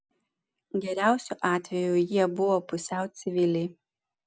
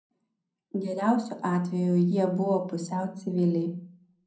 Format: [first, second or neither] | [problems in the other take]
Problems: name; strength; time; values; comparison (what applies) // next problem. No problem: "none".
first | room echo; dies away in 0.6 s